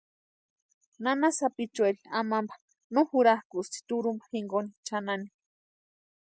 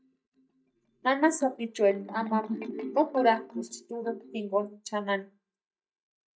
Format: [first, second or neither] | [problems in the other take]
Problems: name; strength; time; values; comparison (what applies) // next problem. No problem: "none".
first | noise reduction (neural mask model DeepFilterNet 3)